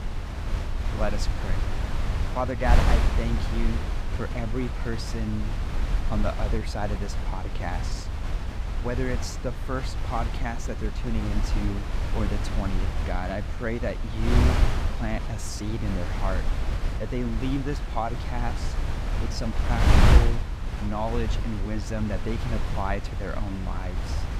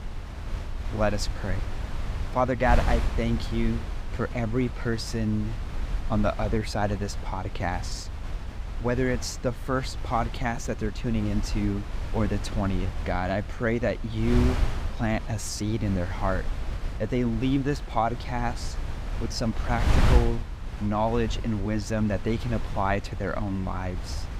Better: second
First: wind noise on the microphone; heavy; 2 dB below the speech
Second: wind noise on the microphone; occasional gusts; 10 dB below the speech

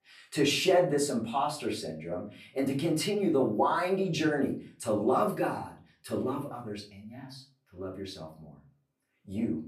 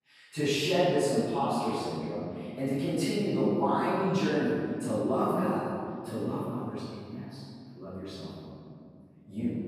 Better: first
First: room echo; slight; dies away in 0.3 s // off-mic speech; far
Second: room echo; strong; dies away in 2.4 s // off-mic speech; far

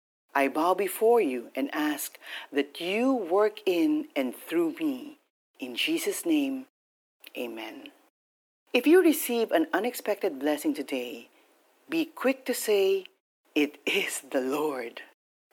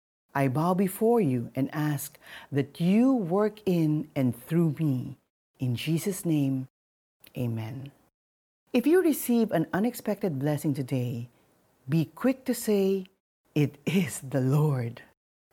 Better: second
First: thin; somewhat; fading below 300 Hz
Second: none

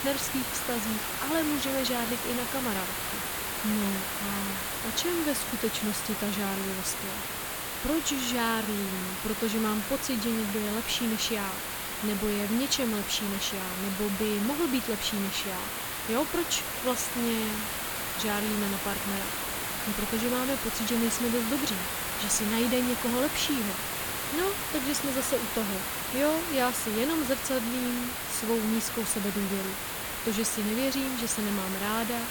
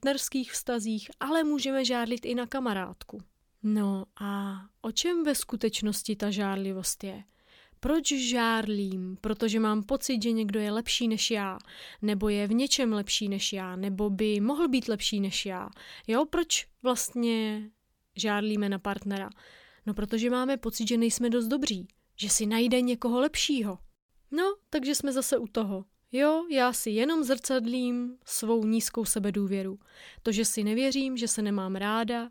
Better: second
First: hiss; loud; throughout; 1 dB below the speech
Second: none

